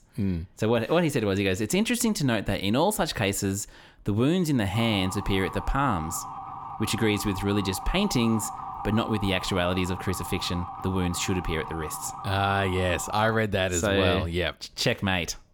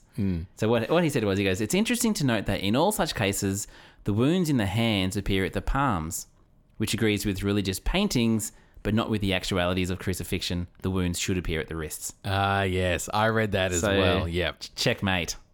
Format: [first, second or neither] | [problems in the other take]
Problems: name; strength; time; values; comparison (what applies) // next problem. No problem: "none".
second | siren; noticeable; from 4.5 to 13 s; peak 9 dB below the speech